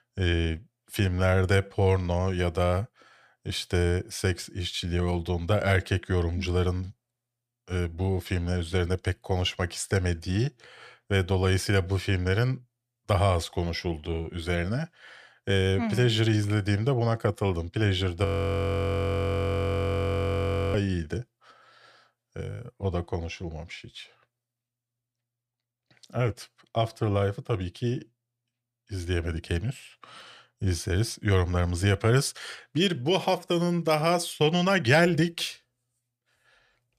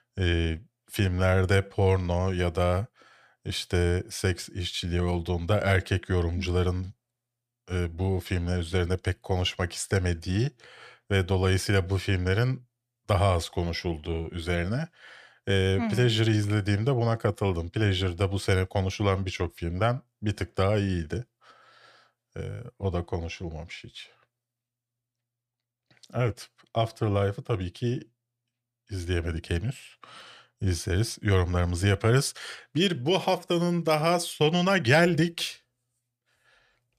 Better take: second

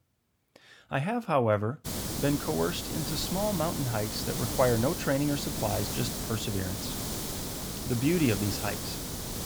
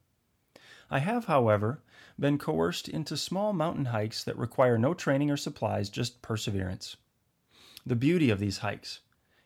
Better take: second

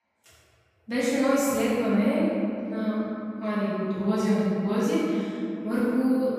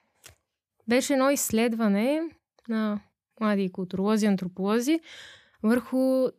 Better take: second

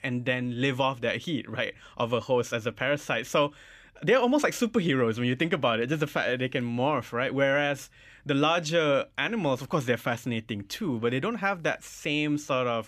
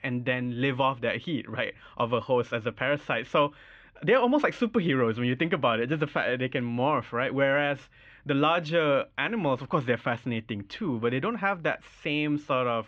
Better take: first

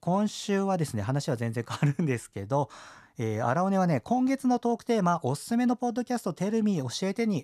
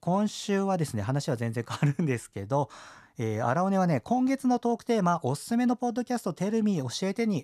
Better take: neither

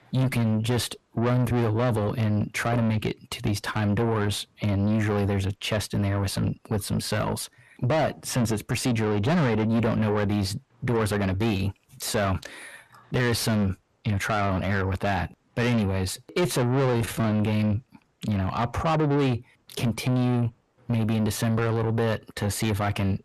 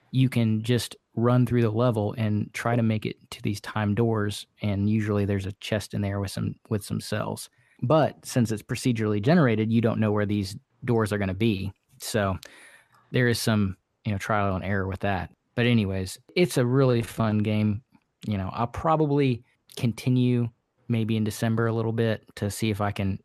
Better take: second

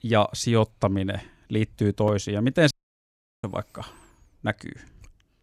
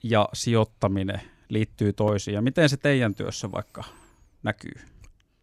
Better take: second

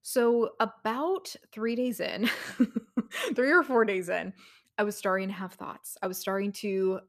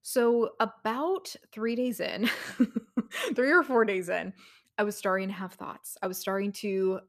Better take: neither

